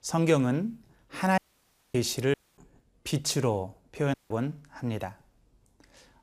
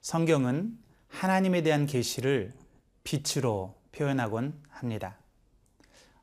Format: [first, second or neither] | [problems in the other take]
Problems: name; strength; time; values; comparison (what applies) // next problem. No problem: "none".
second | audio cutting out; at 1.5 s for 0.5 s, at 2.5 s and at 4 s